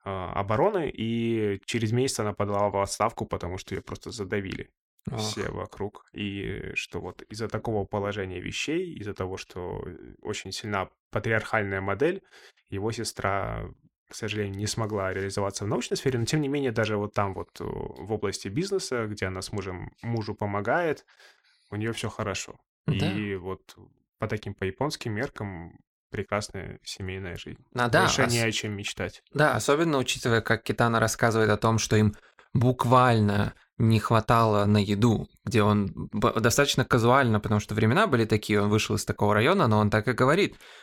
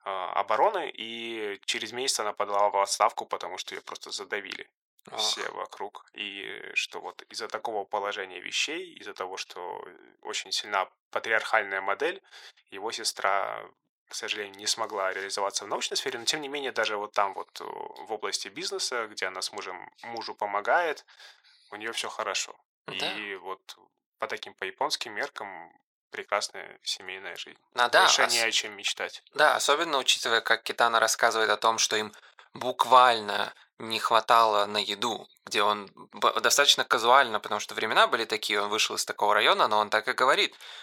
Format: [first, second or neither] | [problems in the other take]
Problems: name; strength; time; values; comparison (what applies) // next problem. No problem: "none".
first | thin; very; fading below 700 Hz